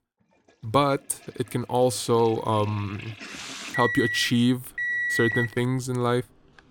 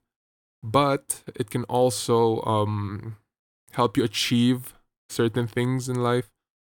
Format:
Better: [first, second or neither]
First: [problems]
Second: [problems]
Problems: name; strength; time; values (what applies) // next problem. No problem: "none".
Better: second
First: household noises; loud; throughout; 3 dB below the speech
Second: none